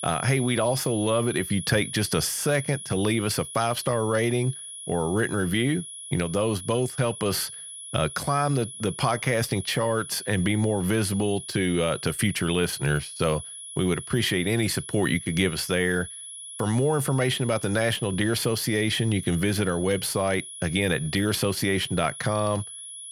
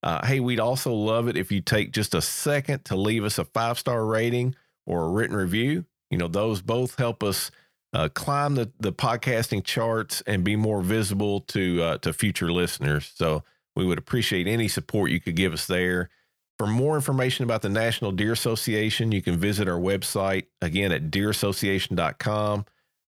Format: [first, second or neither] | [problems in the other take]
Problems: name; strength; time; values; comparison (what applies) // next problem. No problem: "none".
second | high-pitched whine; noticeable; throughout; 10.5 kHz, 10 dB below the speech